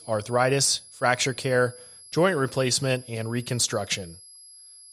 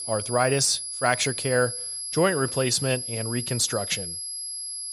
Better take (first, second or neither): first